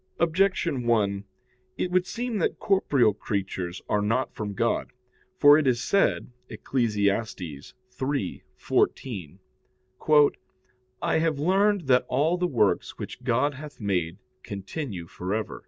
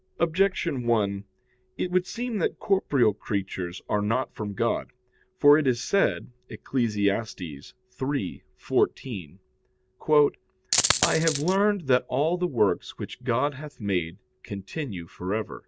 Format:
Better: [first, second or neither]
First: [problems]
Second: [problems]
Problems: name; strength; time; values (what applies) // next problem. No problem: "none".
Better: first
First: none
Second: background sound (Coin (dropping)); 1 dB above the speech